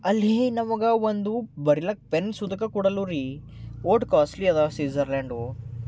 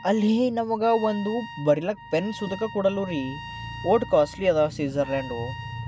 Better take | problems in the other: first | background sound (Trumpet); 16 dB below the speech

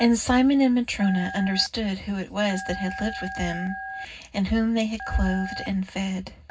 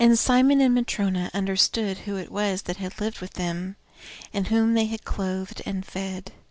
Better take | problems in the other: second | background sound (Telephone); 13 dB below the speech // room echo; dies away in 0.4 s

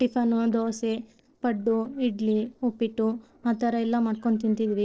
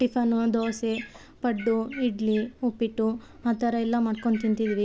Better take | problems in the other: second | noise reduction (neural separator model SepFormer DNS4)

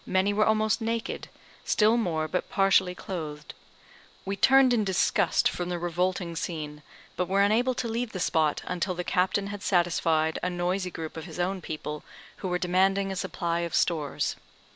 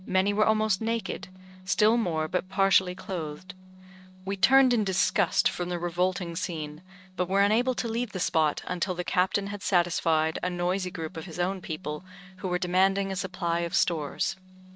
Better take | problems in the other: first | noise reduction (neural mask model RNNoise)

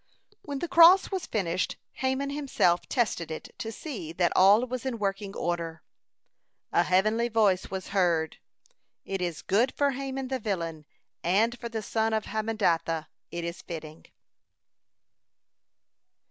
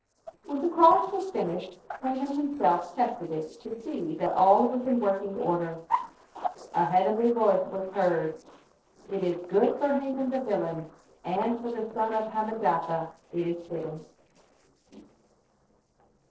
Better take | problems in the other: first | noise reduction (neural separator model SepFormer DNS4)

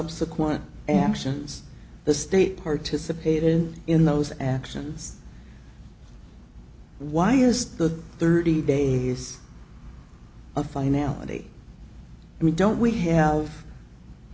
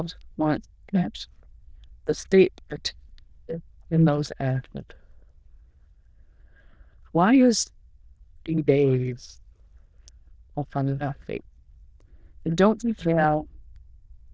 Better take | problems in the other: first | noise reduction (neural diffusion model UNIVERSE++)

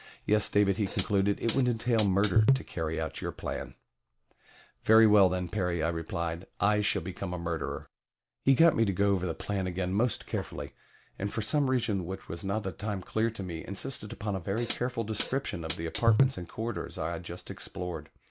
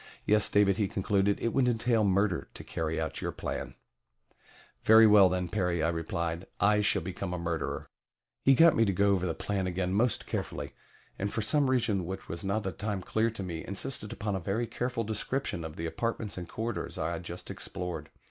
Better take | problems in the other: second | background sound (Hi-hat); 1 dB below the speech

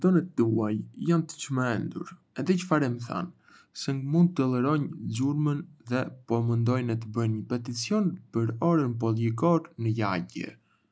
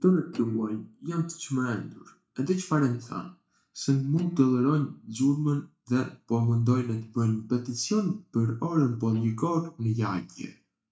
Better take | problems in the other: first | noise reduction (neural mask model DeepFilterNet 3)

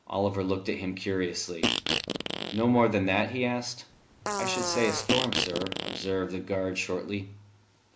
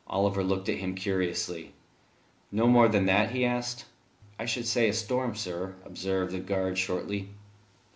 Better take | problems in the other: second | background sound (Fart + Fart); 1 dB below the speech

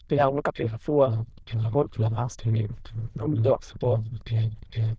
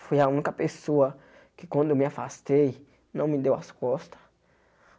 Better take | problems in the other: second | noise reduction (neural diffusion model UNIVERSE++)

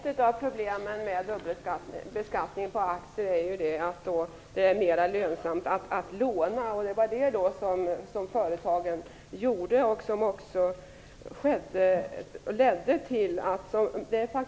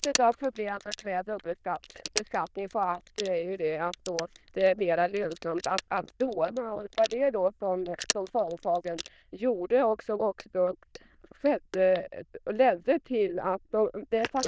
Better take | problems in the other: first | noise reduction (neural diffusion model UNIVERSE++)

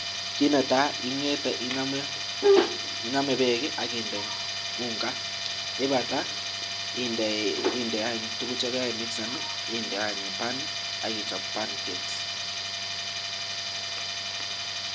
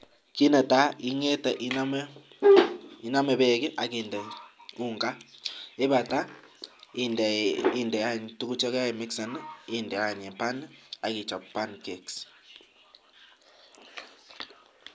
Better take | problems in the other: second | background sound (Tools); 2 dB below the speech

